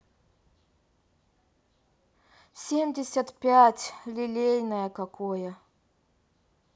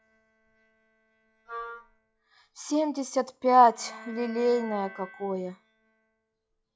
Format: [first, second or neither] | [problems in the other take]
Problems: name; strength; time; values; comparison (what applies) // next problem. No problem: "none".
first | noise reduction (classical method log-MMSE)